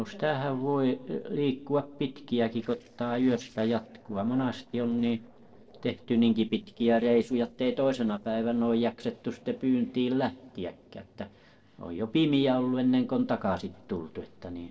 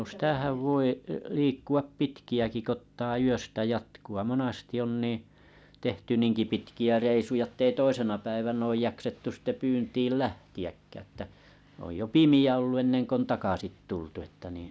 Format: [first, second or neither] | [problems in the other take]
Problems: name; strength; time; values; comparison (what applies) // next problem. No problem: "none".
second | noise reduction (neural separator model SepFormer DNS4)